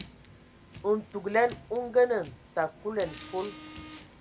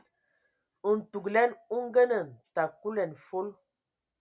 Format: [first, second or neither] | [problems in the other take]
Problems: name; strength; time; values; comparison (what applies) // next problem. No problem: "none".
second | background sound (Car); 18 dB below the speech